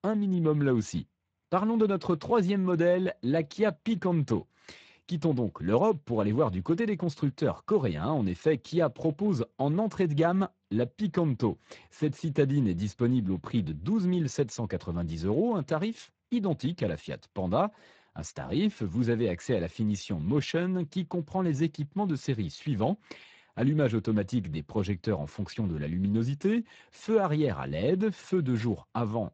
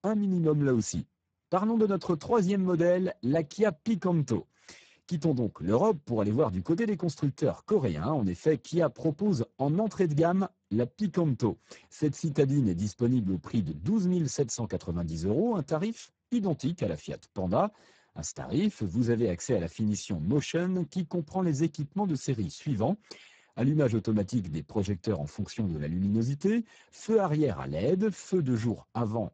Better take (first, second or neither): first